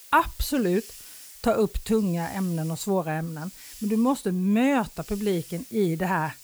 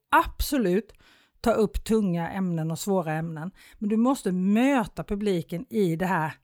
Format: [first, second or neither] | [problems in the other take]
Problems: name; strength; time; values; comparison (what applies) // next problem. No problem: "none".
second | hiss; noticeable; throughout; 20 dB below the speech